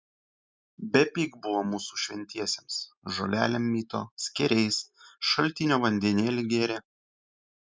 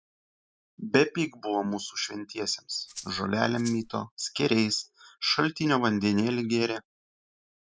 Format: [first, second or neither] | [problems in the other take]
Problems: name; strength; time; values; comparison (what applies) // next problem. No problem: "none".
first | background sound (Rattle (instrument)); 15 dB below the speech